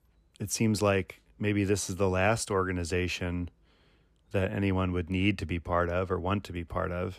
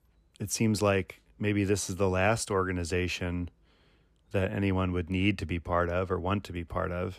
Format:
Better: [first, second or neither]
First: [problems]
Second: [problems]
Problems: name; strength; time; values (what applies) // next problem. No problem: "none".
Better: neither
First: none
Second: none